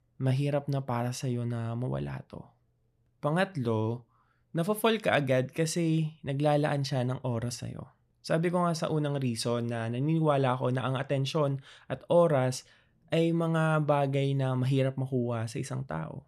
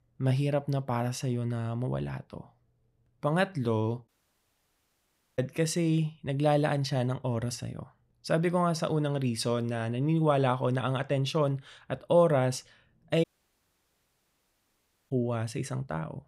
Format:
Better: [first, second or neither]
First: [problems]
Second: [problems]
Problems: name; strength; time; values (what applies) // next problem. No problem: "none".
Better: first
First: none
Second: audio cutting out; at 4 s for 1.5 s and at 13 s for 2 s